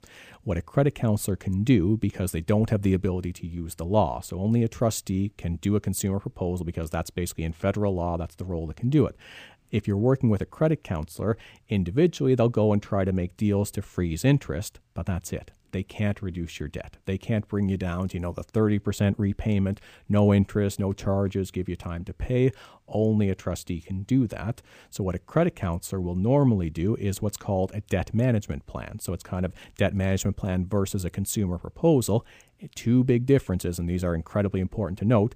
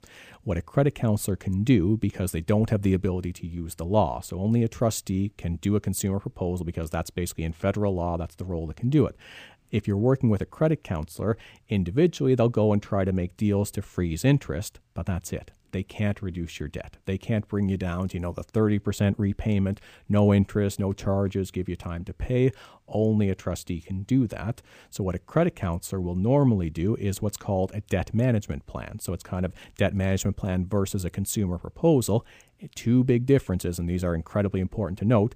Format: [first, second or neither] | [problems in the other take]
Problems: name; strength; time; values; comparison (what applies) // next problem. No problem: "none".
neither | none